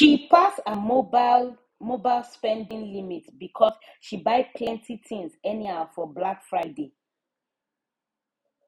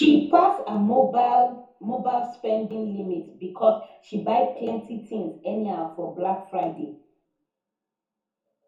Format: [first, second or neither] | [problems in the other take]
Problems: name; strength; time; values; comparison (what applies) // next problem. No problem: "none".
first | room echo; dies away in 0.6 s